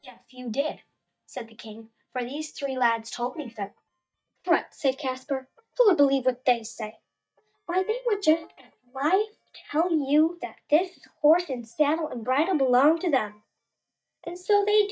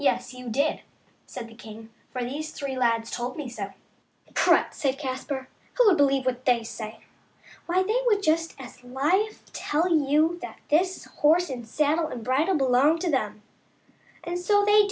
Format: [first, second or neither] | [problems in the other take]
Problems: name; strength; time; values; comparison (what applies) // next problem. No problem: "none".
second | noise reduction (neural mask model DeepFilterNet 3)